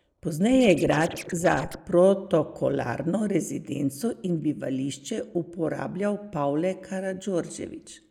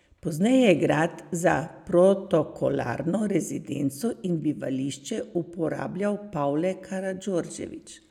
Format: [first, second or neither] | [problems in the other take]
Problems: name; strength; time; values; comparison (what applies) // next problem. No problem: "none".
second | noise reduction (neural mask model Resemble Enhance denoiser)